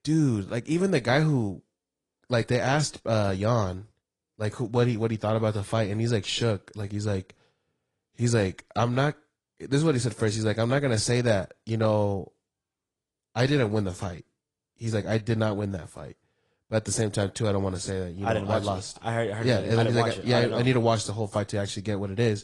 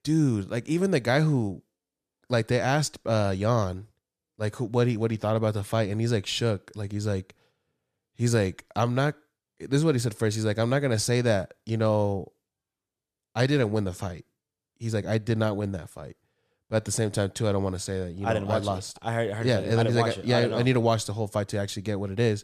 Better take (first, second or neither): second